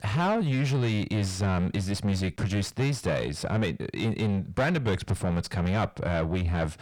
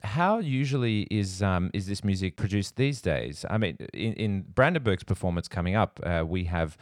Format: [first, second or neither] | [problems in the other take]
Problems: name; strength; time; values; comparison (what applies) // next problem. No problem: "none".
second | distortion; heavy; 6 dB below the speech